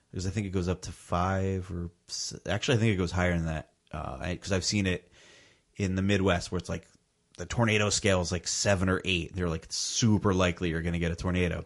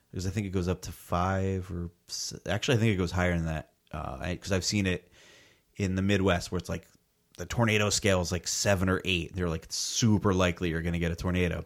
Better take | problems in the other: second | garbled, watery; slightly; nothing above 11 kHz

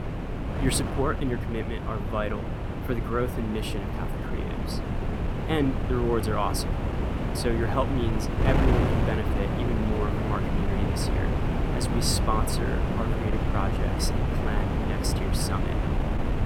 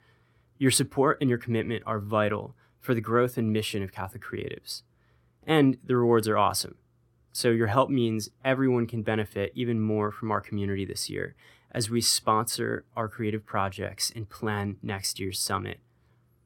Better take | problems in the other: second | wind noise on the microphone; heavy; 1 dB below the speech

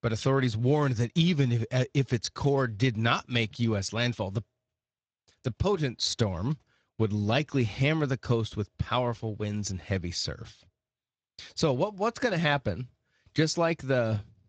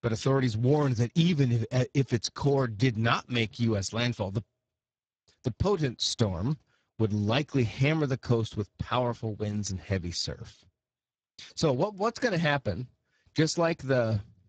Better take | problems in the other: first | garbled, watery; badly; nothing above 7.5 kHz; slightly in the first

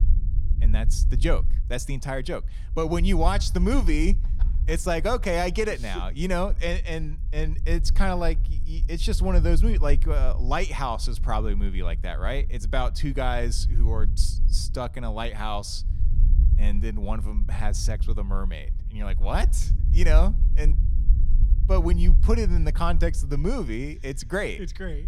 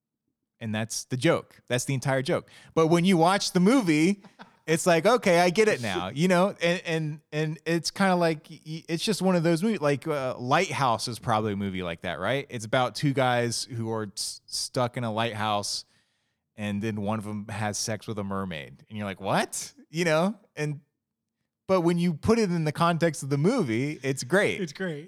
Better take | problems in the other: second | low rumble; noticeable; throughout; 15 dB below the speech

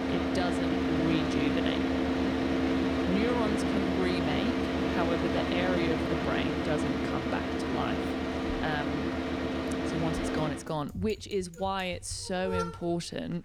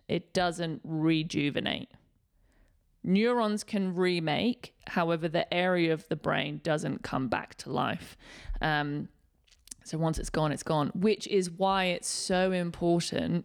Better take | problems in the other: second | traffic noise; very loud; throughout; 4 dB above the speech

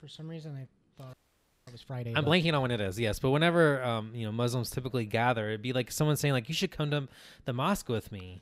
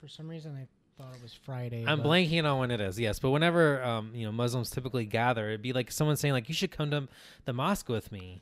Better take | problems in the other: second | audio freezing; at 1 s for 0.5 s

